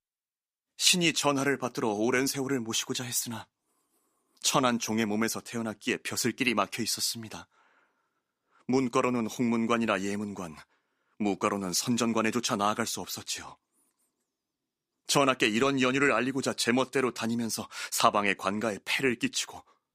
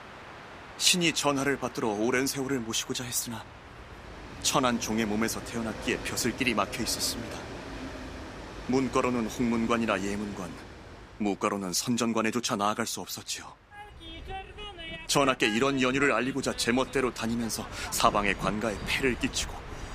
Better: first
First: none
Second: train or aircraft noise; noticeable; throughout; 15 dB below the speech

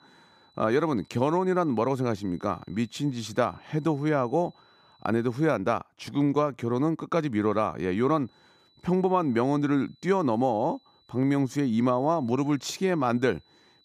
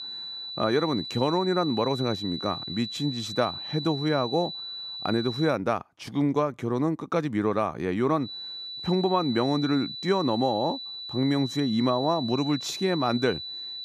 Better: first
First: high-pitched whine; faint; until 5.5 s and from 8.5 s on; 4 kHz, 35 dB below the speech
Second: high-pitched whine; loud; until 5.5 s and from 8.5 s on; 4 kHz, 7 dB below the speech

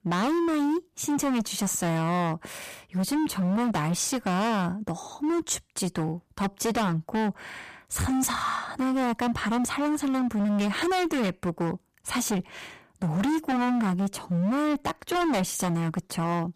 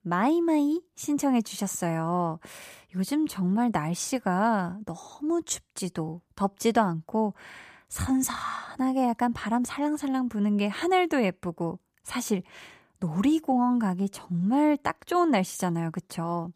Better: second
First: distortion; heavy; 27% of the sound clipped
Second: none

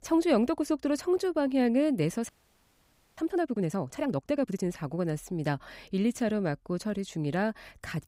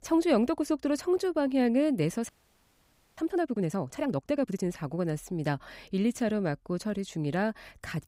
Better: neither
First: audio freezing; at 2.5 s for 1 s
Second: audio freezing; at 2.5 s for 1 s

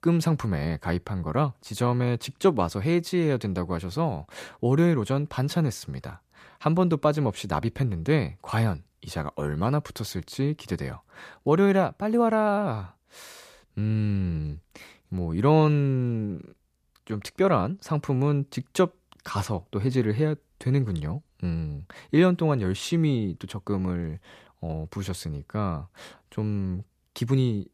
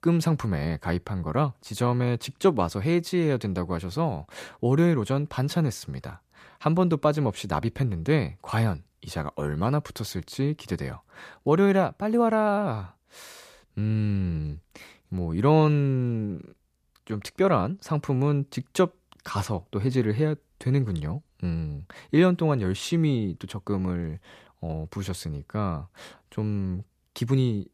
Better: neither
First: none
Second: none

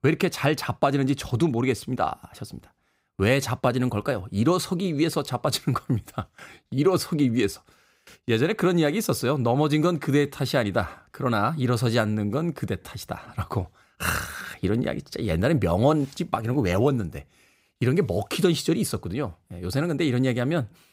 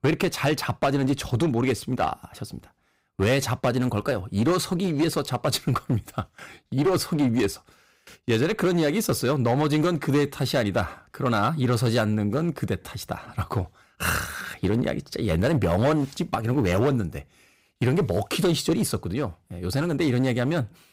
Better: first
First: none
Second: distortion; slight; 8% of the sound clipped

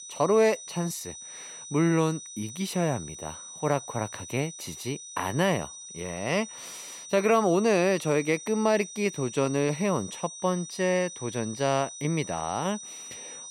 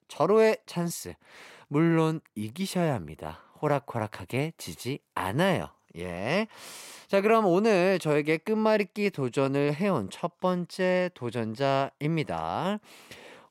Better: second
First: high-pitched whine; noticeable; throughout; 6 kHz, 10 dB below the speech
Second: none

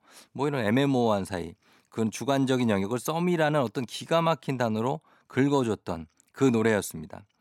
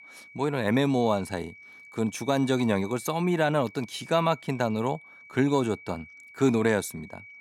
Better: first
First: none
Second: high-pitched whine; noticeable; throughout; 2.5 kHz, 20 dB below the speech

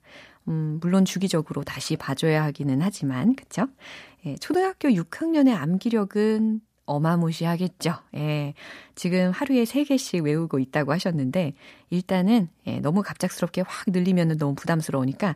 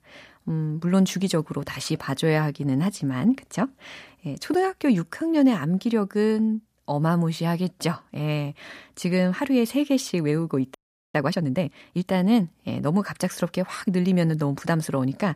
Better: first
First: none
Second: audio freezing; at 11 s

